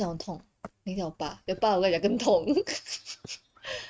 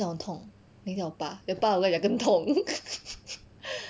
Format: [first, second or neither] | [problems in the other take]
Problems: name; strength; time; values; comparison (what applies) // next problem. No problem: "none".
second | noise reduction (neural mask model RNNoise)